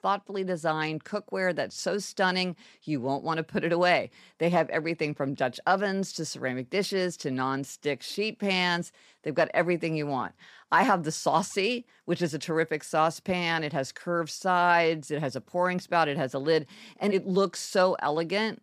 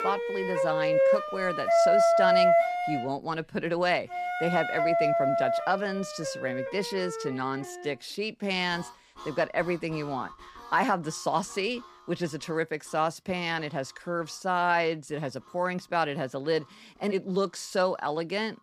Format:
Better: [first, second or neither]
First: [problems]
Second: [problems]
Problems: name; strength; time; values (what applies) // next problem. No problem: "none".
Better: first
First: none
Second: background music; very loud; throughout; 4 dB above the speech